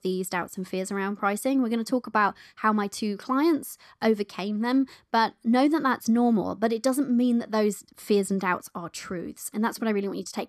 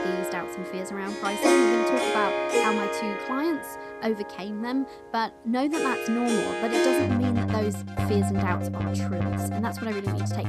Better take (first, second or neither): first